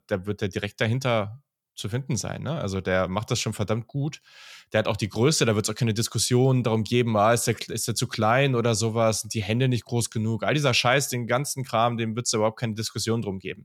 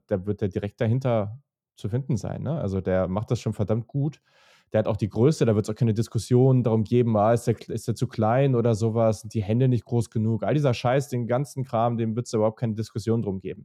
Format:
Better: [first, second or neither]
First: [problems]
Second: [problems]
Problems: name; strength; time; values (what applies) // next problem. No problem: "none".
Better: first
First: none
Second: muffled; slightly; fading above 1 kHz